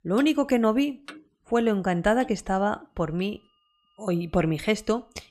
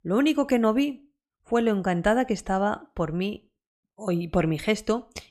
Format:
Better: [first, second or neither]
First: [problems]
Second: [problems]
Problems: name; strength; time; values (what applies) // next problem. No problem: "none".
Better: second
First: household noises; faint; throughout; 20 dB below the speech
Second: none